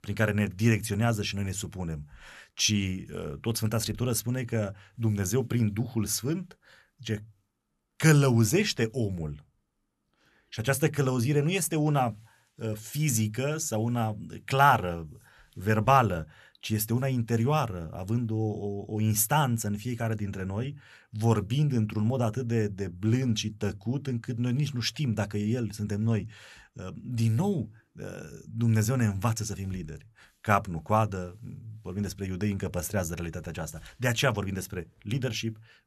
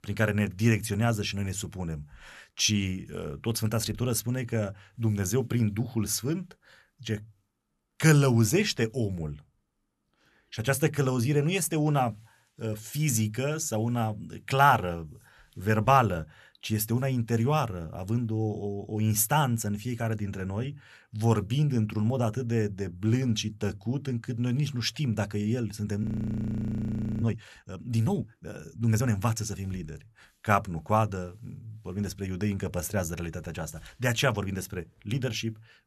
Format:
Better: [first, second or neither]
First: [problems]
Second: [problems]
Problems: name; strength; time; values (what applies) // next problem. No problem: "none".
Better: first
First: none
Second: audio freezing; at 26 s for 1 s